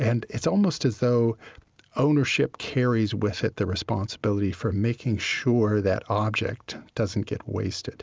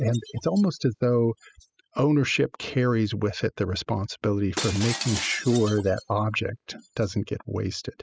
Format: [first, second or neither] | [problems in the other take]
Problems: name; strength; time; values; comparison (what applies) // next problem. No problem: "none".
first | noise reduction (classical method spectral subtraction)